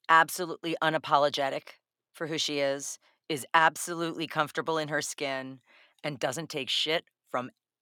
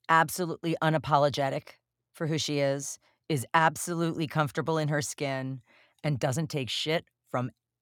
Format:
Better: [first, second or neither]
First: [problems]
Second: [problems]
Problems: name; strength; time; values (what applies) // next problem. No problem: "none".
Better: second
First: thin; somewhat; fading below 300 Hz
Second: none